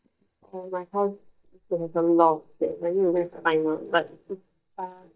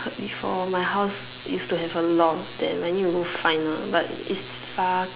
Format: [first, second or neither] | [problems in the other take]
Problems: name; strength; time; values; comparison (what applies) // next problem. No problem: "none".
second | noise reduction (neural mask model DeepFilterNet 3)